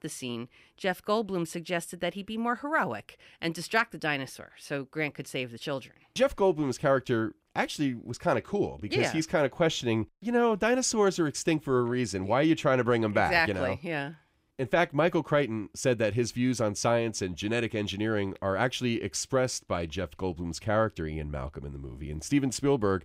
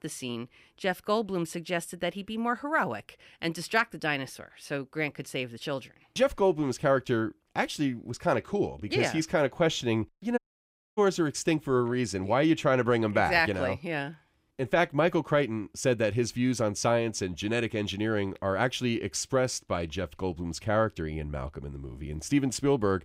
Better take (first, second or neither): first